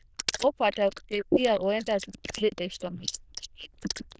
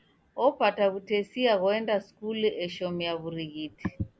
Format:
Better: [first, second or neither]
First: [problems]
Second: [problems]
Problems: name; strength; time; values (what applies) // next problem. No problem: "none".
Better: second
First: noise reduction (neural diffusion model UNIVERSE++)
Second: none